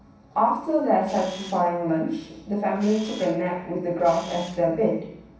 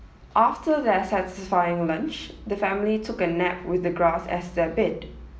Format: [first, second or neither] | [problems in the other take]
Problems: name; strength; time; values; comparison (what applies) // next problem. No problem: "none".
second | background sound (Camera); 18 dB below the speech // room echo; dies away in 0.7 s